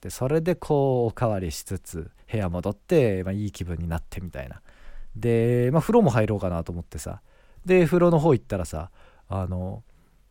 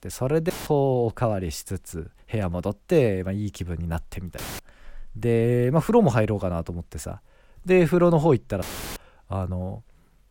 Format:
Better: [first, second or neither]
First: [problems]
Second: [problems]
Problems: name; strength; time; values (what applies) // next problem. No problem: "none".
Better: first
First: none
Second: audio cutting out; filled with static; at 0.5 s, at 4.5 s and at 8.5 s